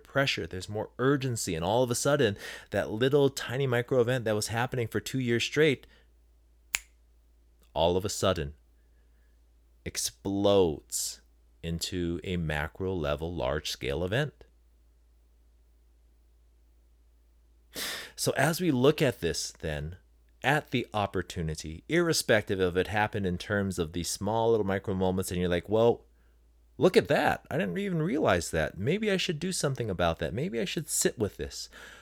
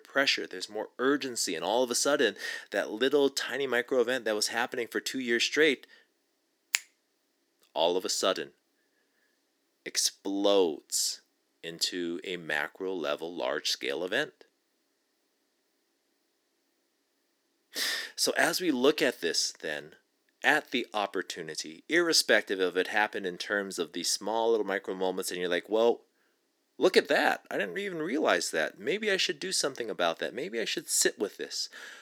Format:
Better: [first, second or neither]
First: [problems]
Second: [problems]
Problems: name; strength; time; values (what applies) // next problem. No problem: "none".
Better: first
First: none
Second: thin; very slightly; fading below 250 Hz